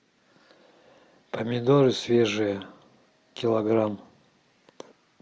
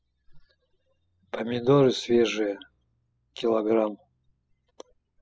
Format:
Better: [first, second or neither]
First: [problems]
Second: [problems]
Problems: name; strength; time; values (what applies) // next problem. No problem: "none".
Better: first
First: none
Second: noise reduction (classical method spectral subtraction)